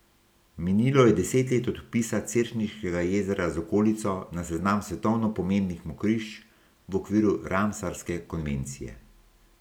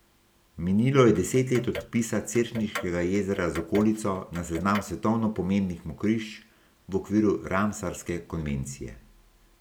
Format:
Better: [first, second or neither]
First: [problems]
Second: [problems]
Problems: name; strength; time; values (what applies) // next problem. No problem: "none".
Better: first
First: none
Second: background sound (Clock); 14 dB below the speech